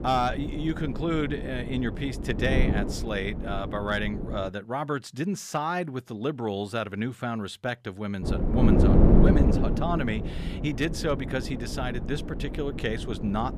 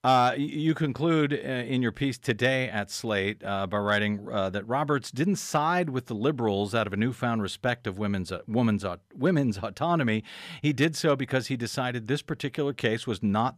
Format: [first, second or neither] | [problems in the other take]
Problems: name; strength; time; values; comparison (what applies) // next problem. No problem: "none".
second | wind noise on the microphone; heavy; until 4.5 s and from 8 s on; 3 dB below the speech